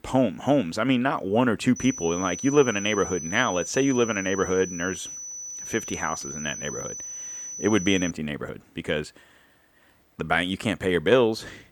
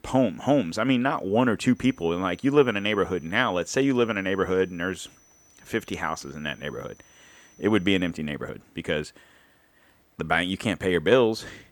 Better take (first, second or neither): second